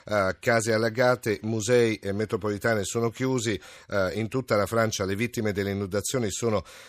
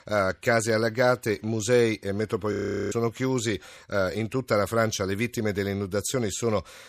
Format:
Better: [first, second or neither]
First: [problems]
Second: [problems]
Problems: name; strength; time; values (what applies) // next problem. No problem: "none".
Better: first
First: none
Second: audio freezing; at 2.5 s